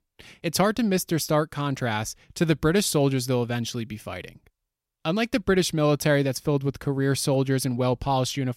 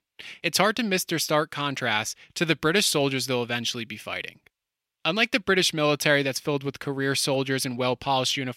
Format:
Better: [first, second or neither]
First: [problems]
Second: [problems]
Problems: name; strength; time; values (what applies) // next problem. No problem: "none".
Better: first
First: none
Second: thin; very slightly; fading below 500 Hz